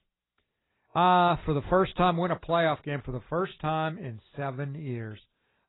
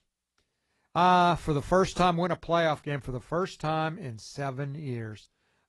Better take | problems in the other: second | garbled, watery; badly; nothing above 4 kHz; slightly in the second

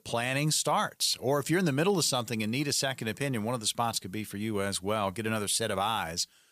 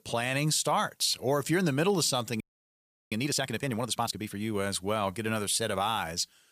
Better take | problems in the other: first | audio freezing; at 2.5 s for 0.5 s

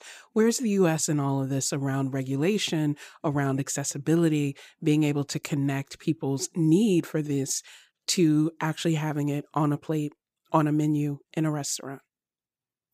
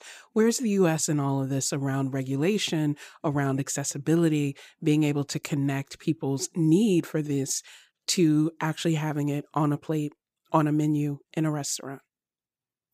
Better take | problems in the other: neither | none

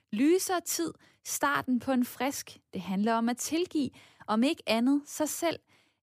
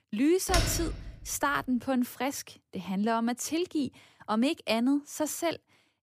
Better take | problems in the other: first | door banging; loud; at 0.5 s; peak 1 dB above the speech

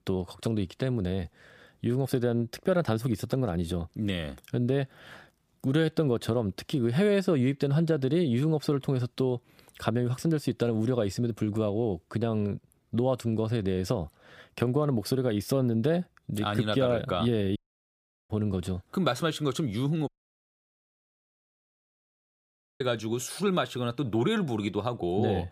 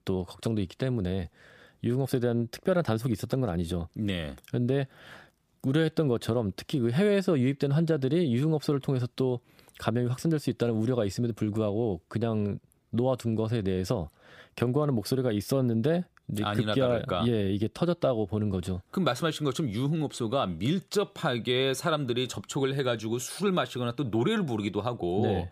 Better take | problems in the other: second | audio cutting out; at 18 s for 0.5 s and at 20 s for 2.5 s

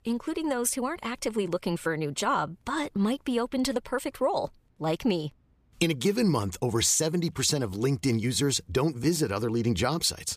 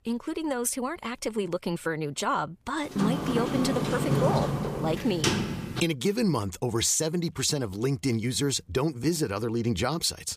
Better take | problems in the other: first | door banging; loud; from 3 to 6 s; peak 3 dB above the speech

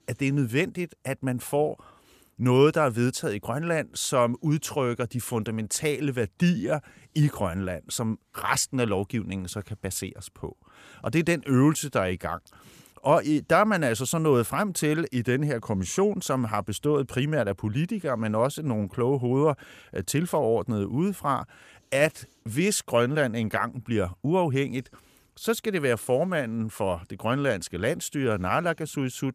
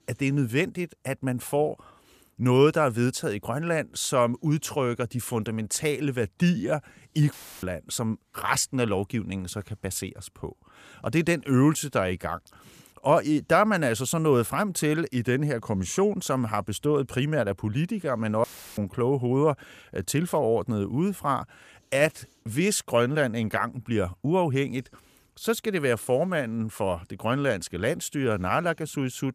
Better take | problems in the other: first | audio cutting out; filled with static; at 7.5 s and at 18 s

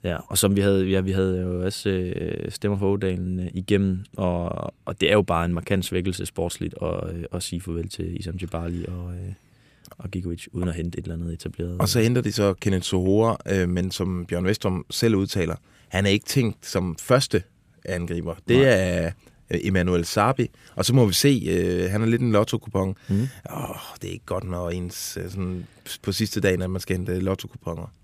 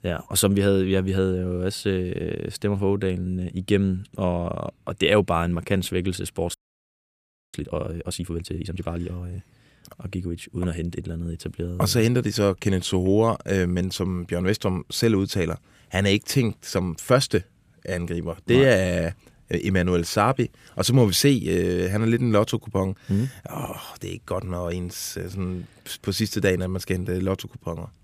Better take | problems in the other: first | audio freezing; at 6.5 s for 1 s

